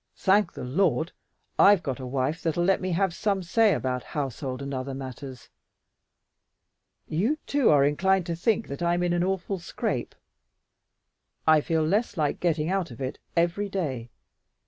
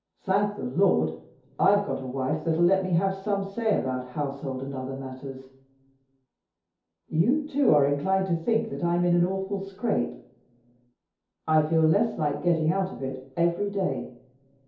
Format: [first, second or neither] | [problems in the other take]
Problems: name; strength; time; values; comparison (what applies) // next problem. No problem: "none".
first | room echo; dies away in 0.6 s